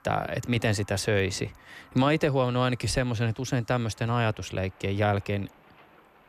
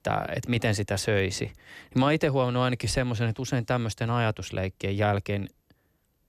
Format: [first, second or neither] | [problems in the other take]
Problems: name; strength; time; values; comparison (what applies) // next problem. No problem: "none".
second | traffic noise; faint; throughout; 30 dB below the speech